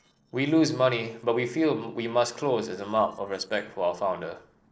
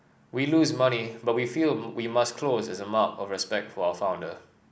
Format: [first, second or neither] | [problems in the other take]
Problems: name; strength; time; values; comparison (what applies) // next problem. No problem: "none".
second | noise reduction (neural separator model SepFormer DNS4)